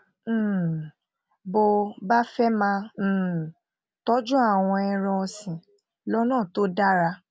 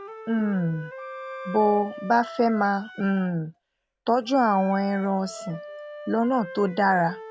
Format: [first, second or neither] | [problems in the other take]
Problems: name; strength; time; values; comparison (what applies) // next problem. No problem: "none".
first | background sound (Wind instrument, woodwind instrument + Wind instrument, woodwind instrument); 15 dB below the speech